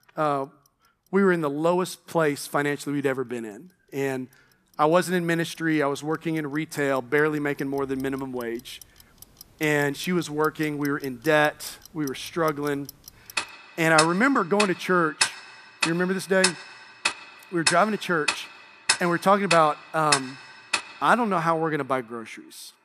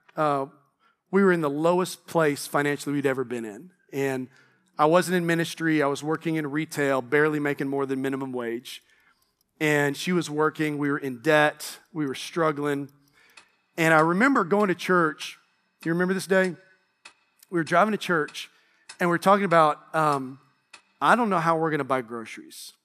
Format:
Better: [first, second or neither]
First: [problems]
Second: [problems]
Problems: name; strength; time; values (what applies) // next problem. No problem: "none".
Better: second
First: household noises; loud; throughout; 3 dB below the speech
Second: household noises; faint; throughout; 25 dB below the speech